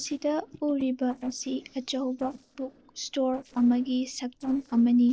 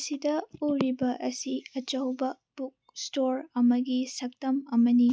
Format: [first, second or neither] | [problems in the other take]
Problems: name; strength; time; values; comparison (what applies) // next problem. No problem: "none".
second | noise reduction (neural separator model SepFormer DNS4)